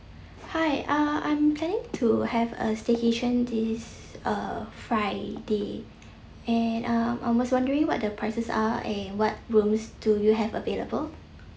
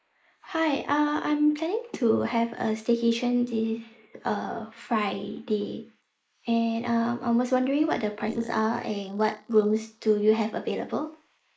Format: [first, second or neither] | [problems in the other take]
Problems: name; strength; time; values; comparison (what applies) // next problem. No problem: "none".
first | noise reduction (neural mask model Resemble Enhance denoiser)